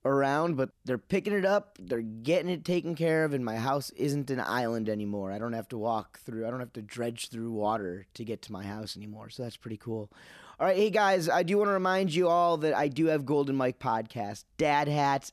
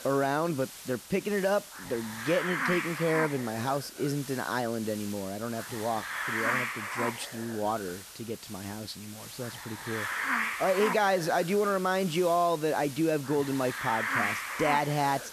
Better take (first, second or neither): first